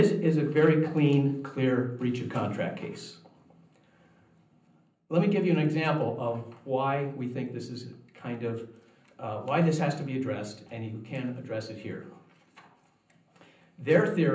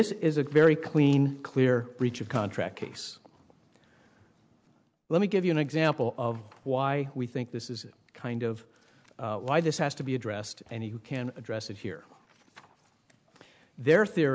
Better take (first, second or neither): second